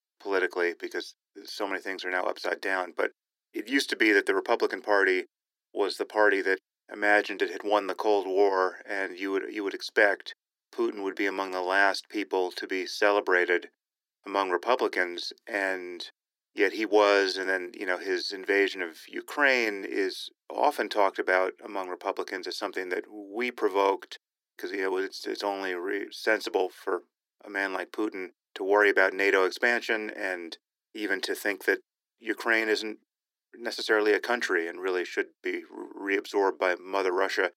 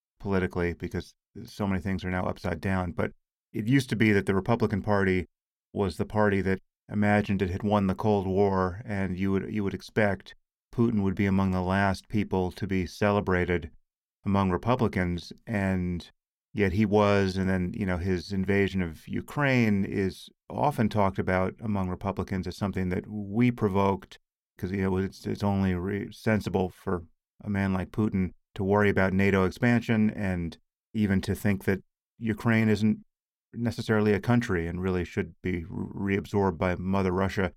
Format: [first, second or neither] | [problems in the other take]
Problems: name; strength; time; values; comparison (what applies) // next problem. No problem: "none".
second | thin; very; fading below 300 Hz